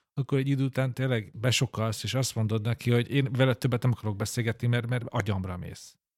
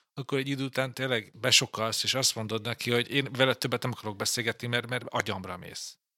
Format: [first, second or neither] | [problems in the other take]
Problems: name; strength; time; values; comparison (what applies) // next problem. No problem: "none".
first | thin; somewhat; fading below 1 kHz